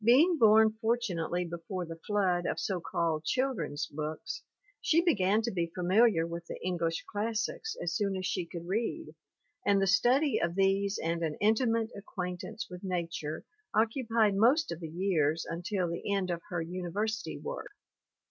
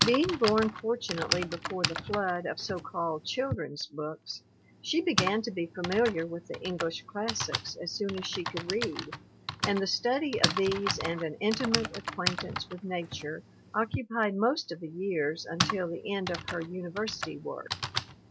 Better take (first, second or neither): first